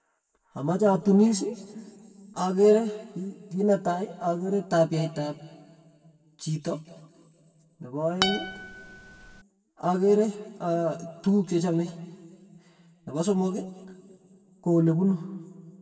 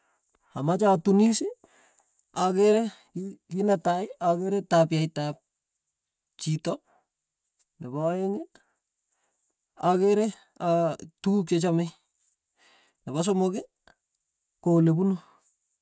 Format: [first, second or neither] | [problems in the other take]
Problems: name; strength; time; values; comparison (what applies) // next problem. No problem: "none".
second | background sound (Acoustic guitar); 6 dB below the speech // room echo; dies away in 1.8 s